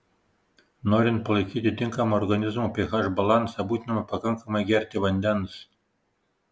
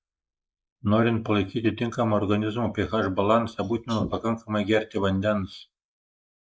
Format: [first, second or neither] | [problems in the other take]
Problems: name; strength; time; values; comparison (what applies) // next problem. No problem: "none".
first | noise reduction (neural mask model Resemble Enhance denoiser)